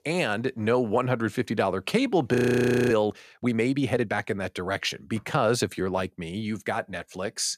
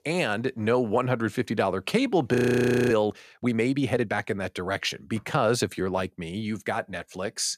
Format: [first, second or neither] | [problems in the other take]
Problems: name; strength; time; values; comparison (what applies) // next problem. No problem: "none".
neither | audio freezing; at 2.5 s for 0.5 s; the same in both